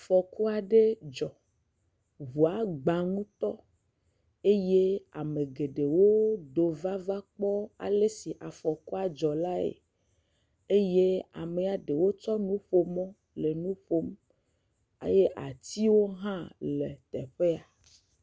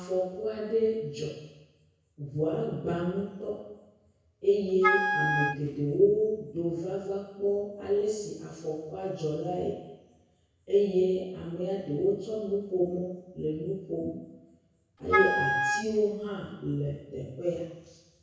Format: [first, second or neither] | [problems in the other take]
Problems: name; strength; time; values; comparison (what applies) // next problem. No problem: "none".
first | background sound (Wind instrument, woodwind instrument); 2 dB above the speech // room echo; dies away in 1 s